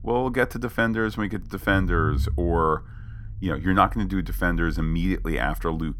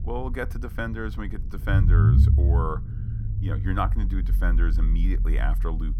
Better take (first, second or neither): first